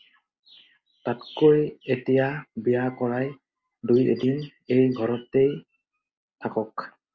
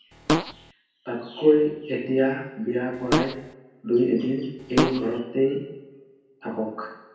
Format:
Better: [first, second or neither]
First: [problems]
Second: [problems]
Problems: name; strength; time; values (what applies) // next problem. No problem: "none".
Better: first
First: none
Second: background sound (Fart); as loud as the speech // room echo; dies away in 0.9 s